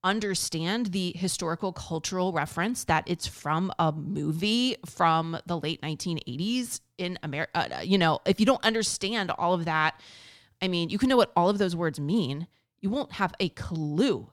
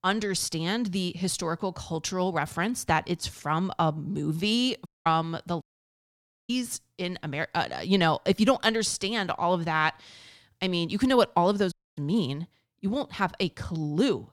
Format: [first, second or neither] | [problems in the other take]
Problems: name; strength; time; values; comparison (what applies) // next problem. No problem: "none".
first | audio cutting out; at 5 s, at 5.5 s for 1 s and at 12 s